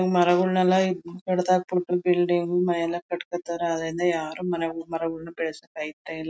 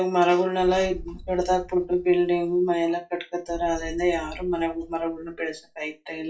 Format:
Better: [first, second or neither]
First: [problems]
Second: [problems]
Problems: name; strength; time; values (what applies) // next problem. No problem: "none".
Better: first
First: none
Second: background sound (Boom); 17 dB below the speech // room echo; dies away in 0.2 s